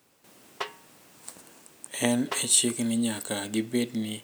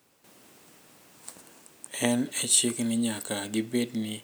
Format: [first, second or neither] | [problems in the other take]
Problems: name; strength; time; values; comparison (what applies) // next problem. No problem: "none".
second | background sound (Snare drum); 13 dB below the speech